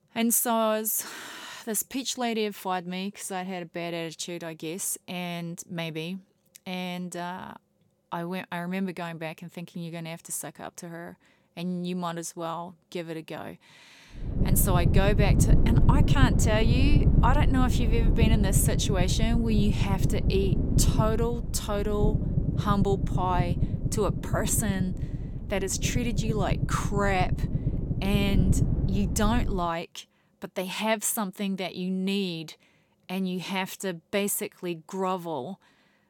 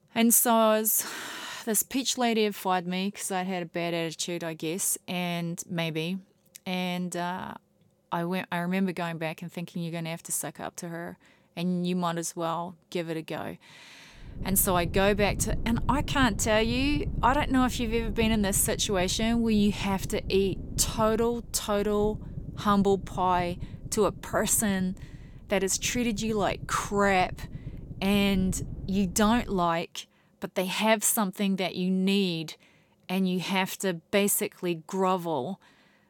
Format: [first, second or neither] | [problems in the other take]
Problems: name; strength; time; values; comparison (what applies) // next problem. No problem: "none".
second | low rumble; loud; from 14 to 30 s; 6 dB below the speech; faint in the second